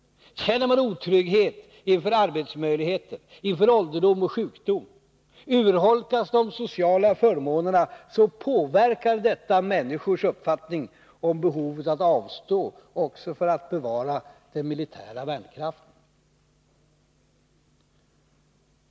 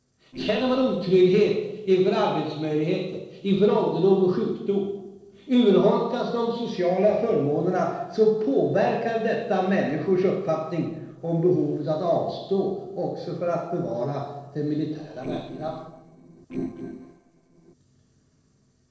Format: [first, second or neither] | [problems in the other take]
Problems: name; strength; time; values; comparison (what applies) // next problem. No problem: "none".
first | noise reduction (neural separator model SepFormer DNS4)